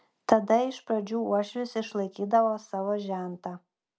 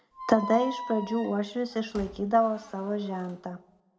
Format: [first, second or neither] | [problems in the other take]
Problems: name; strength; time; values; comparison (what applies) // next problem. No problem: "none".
first | background sound (Squeak); 13 dB below the speech // room echo; dies away in 0.5 s